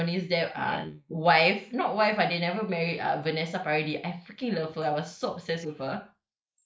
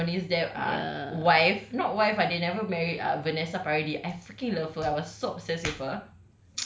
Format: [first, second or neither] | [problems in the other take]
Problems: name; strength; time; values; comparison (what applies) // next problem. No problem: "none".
second | noise reduction (neural mask model Resemble Enhance denoiser)